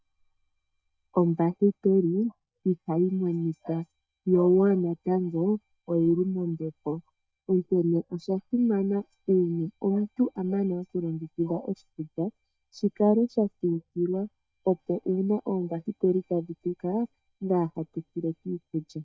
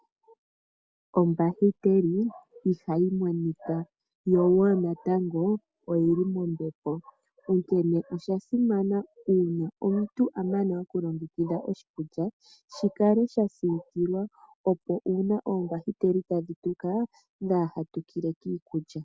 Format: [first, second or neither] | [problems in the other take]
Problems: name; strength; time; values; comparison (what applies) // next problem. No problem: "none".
second | noise reduction (neural mask model DeepFilterNet 3)